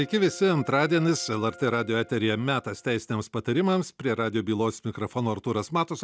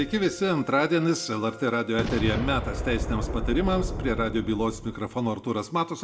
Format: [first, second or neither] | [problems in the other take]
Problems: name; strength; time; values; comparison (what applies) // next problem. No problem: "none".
first | background sound (Boom); 7 dB below the speech // room echo; dies away in 0.9 s